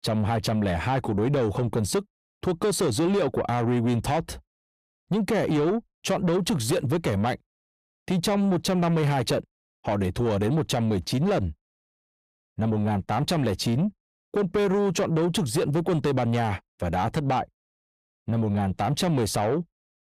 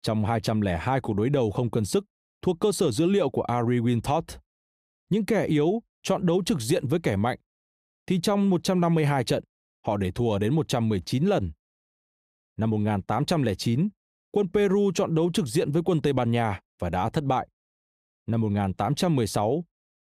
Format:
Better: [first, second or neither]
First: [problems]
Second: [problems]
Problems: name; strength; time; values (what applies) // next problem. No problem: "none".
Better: second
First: distortion; slight; 10 dB below the speech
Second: none